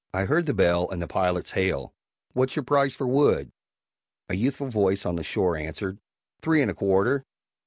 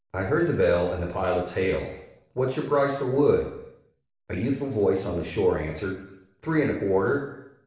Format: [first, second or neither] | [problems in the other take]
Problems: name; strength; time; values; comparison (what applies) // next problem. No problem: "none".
first | room echo; dies away in 0.8 s